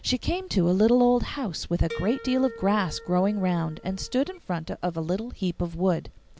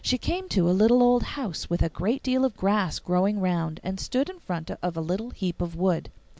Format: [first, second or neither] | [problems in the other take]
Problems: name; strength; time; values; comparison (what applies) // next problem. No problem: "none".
second | background sound (Harp); 17 dB below the speech